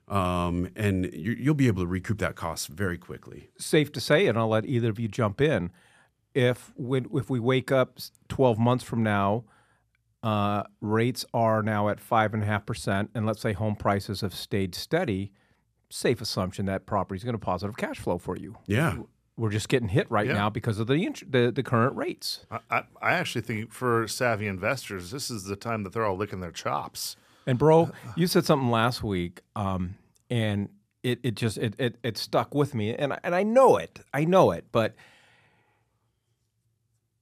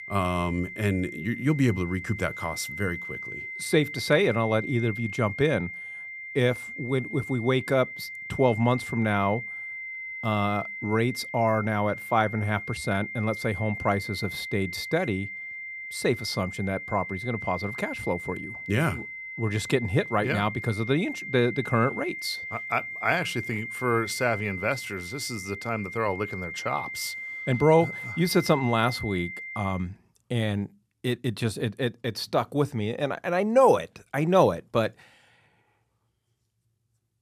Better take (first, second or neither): first